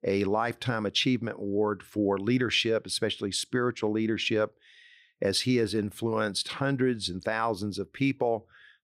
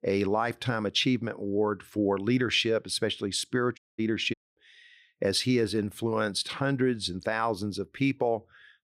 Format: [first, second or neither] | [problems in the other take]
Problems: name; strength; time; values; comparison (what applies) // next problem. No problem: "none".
first | audio cutting out; at 4 s and at 4.5 s